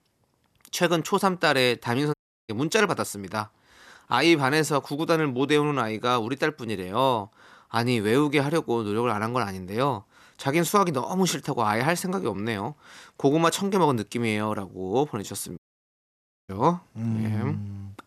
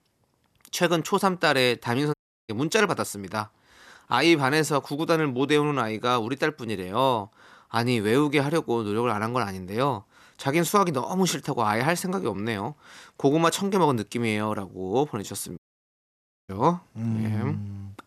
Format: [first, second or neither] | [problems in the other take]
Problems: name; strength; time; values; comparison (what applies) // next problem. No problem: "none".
neither | audio cutting out; at 2 s and at 16 s for 1 s; the same in both